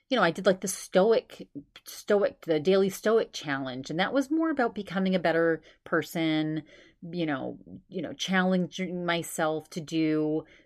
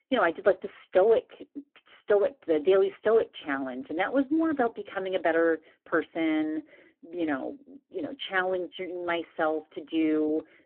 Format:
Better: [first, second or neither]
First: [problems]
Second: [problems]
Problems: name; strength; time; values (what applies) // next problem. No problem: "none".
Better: first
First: none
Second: phone-call audio; poor line